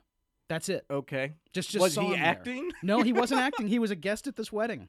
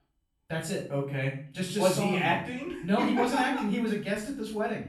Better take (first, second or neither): first